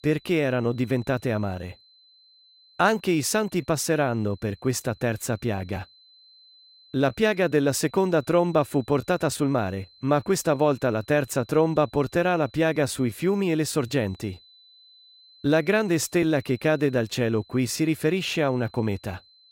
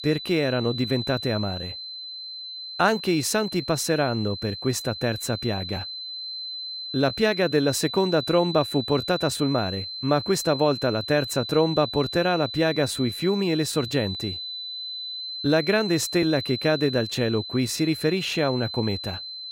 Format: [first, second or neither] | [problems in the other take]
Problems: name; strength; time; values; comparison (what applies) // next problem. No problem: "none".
first | high-pitched whine; loud; throughout; 4 kHz, 7 dB below the speech; faint in the first